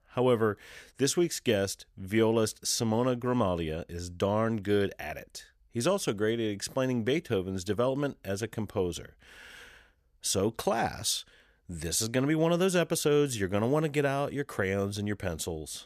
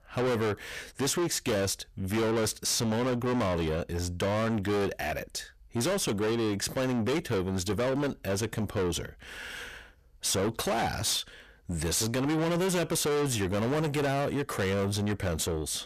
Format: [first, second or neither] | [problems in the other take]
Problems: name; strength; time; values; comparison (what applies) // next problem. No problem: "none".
first | distortion; heavy; 6 dB below the speech